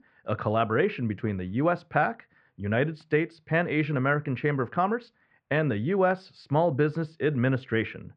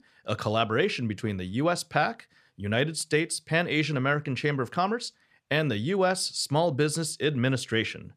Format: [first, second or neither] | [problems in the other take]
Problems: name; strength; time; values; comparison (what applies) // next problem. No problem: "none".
second | muffled; very; fading above 2 kHz